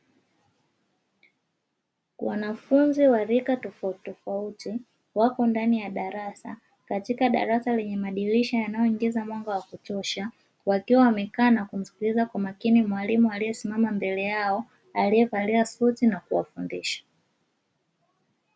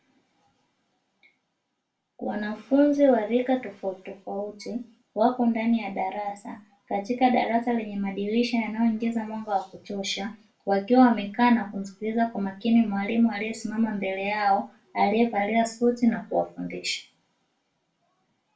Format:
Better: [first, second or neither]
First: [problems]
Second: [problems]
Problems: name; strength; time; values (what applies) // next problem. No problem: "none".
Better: first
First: none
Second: room echo; dies away in 0.2 s